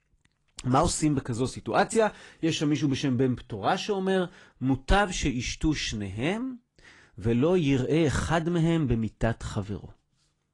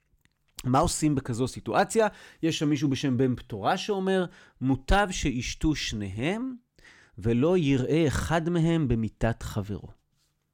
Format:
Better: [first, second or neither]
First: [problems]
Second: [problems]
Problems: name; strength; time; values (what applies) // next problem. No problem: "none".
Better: second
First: garbled, watery; slightly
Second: none